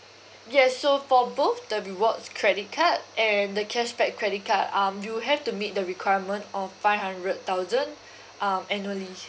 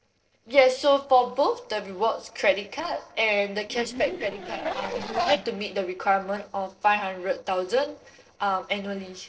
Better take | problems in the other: first | noise reduction (neural separator model SepFormer DNS4)

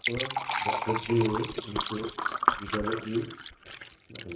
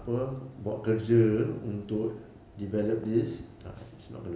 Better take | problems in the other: second | noise reduction (neural mask model RNNoise)

